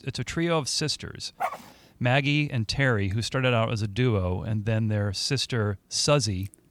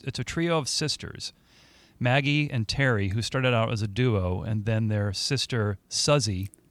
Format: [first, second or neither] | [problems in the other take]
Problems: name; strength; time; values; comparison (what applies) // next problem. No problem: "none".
second | dog barking; noticeable; at 1.5 s; peak 7 dB below the speech